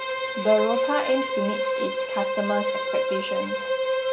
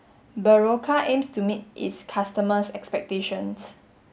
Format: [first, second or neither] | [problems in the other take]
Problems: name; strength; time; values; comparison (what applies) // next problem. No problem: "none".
second | background sound (Bowed string instrument); 2 dB above the speech